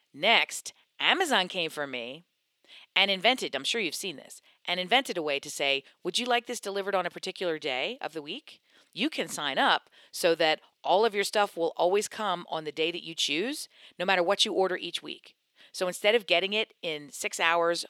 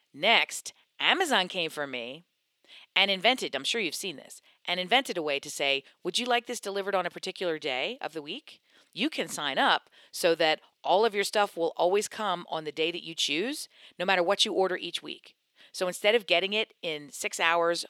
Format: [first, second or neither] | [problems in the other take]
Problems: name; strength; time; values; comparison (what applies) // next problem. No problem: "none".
neither | thin; somewhat; fading below 450 Hz; the same in both